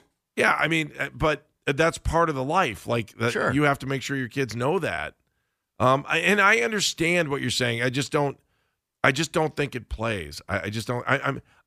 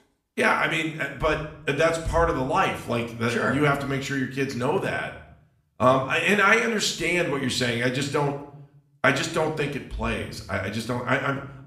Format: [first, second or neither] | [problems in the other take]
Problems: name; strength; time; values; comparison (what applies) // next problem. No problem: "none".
first | room echo; slight; dies away in 0.6 s // off-mic speech; somewhat distant